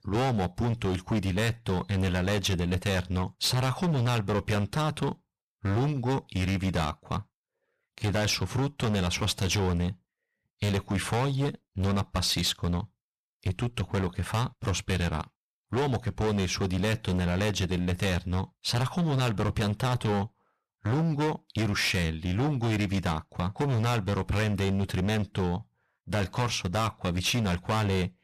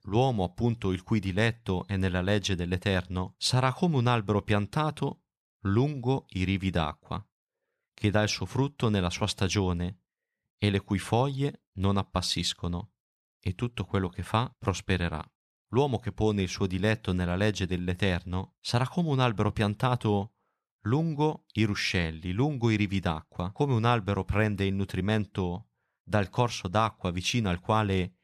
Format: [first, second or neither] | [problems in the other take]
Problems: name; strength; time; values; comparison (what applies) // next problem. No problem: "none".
second | distortion; heavy; 20% of the sound clipped